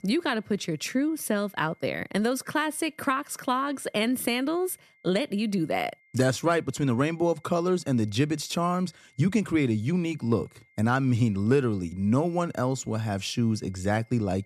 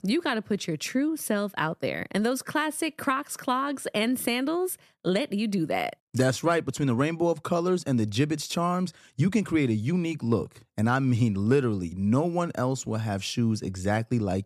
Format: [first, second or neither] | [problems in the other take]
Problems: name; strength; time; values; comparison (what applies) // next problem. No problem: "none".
second | high-pitched whine; faint; throughout; 2 kHz, 35 dB below the speech